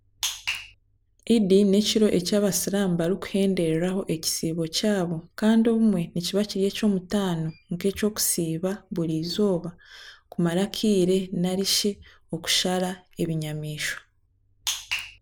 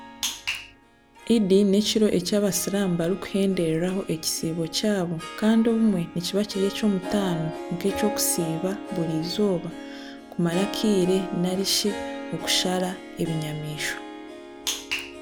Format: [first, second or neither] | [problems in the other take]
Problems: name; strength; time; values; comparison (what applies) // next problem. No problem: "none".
first | background sound (Harp); 12 dB below the speech